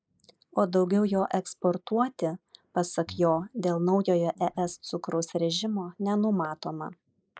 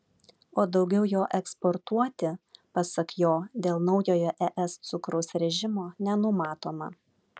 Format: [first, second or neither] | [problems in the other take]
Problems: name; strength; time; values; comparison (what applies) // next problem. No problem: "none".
second | noise reduction (neural mask model Resemble Enhance denoiser)